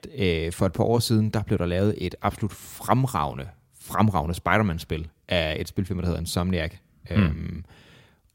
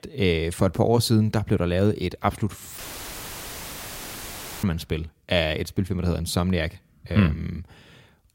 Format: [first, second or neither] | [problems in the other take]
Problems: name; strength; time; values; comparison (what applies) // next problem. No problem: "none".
first | audio cutting out; filled with static; at 3 s for 2 s